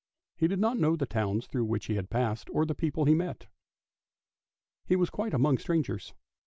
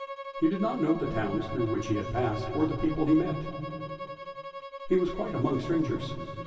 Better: first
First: none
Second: background sound (Bowed string instrument); 11 dB below the speech // room echo; dies away in 2.5 s

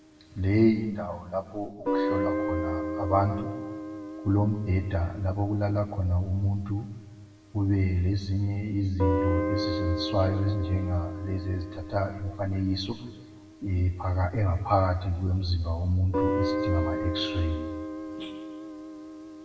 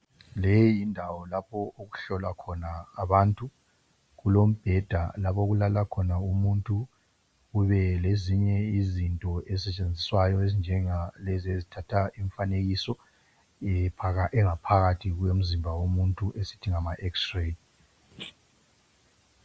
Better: second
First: background sound (Guitar); 6 dB below the speech // room echo; dies away in 1 s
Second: none

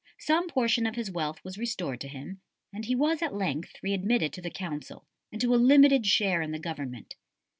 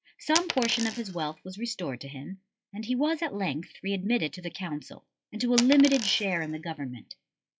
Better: first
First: none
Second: noise reduction (classical method log-MMSE)

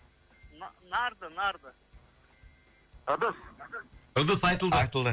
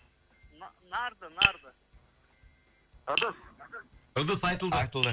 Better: first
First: none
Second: background sound (Tap); 2 dB below the speech

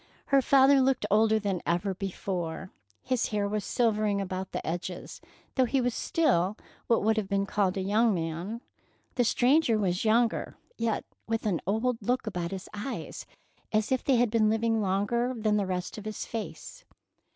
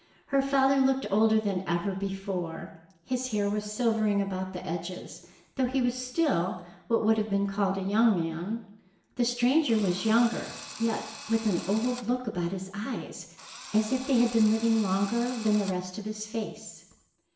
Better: first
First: none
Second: background sound (Drill); 15 dB below the speech // room echo; dies away in 0.8 s

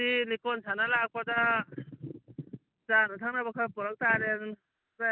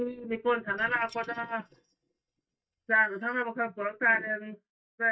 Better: first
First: none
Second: noise reduction (neural mask model DeepFilterNet 3)

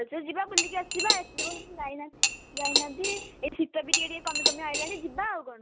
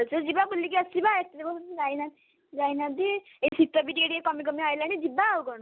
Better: second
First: background sound (Cutlery, silverware / Dishes, pots, and pans); 4 dB above the speech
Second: none

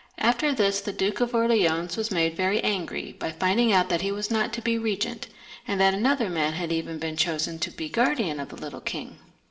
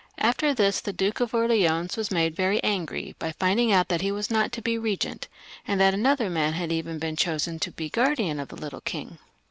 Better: second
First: room echo; dies away in 0.6 s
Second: none

